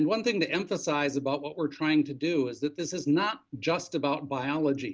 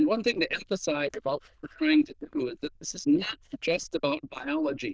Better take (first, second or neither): first